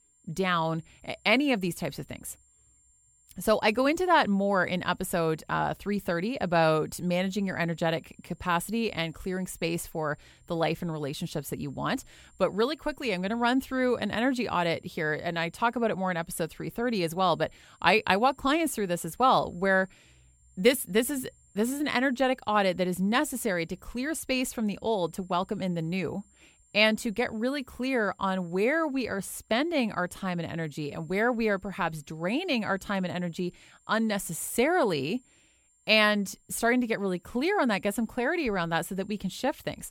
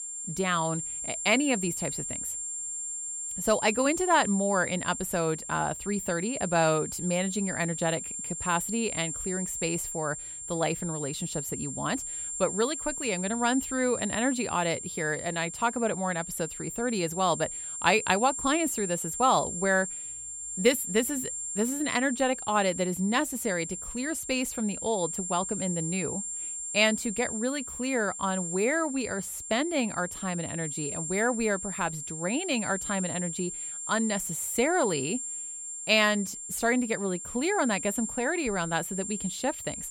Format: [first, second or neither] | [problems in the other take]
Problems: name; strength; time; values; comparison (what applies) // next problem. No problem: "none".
first | high-pitched whine; loud; throughout; 7.5 kHz, 5 dB below the speech; faint in the first